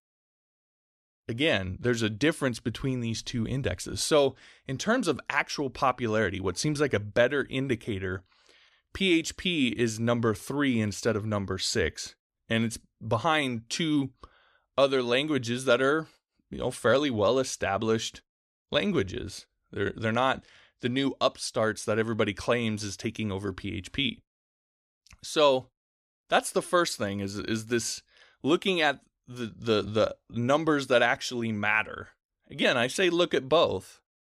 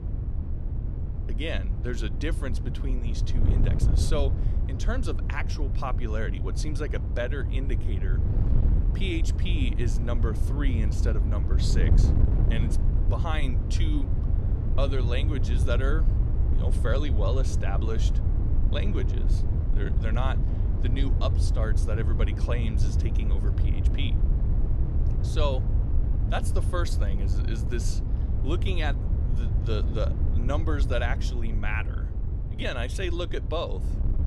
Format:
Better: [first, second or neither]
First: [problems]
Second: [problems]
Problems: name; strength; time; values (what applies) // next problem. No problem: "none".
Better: first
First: none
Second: wind noise on the microphone; heavy; 7 dB below the speech